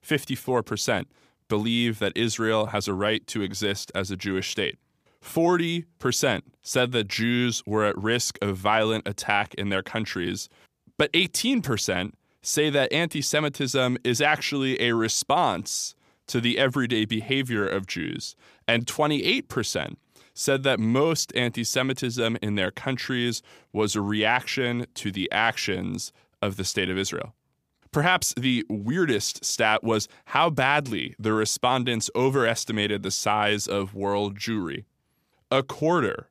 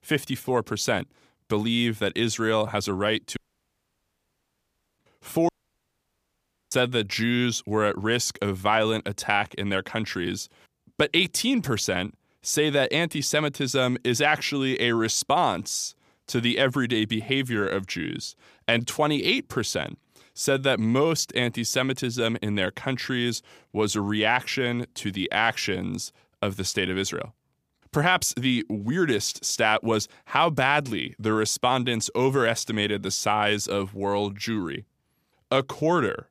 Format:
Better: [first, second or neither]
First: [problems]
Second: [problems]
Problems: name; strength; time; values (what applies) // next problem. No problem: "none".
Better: first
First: none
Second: audio cutting out; at 3.5 s for 1.5 s and at 5.5 s for 1 s